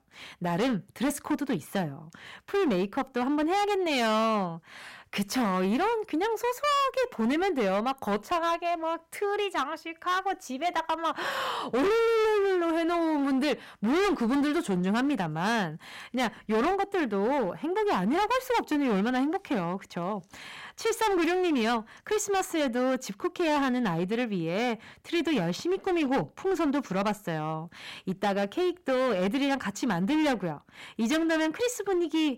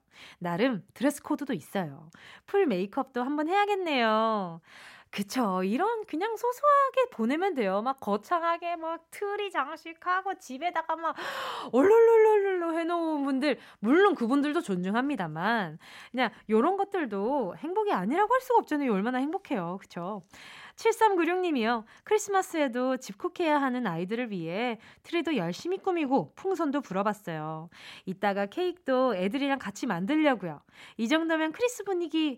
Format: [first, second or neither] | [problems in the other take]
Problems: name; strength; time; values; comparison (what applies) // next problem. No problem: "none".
second | distortion; heavy; 18% of the sound clipped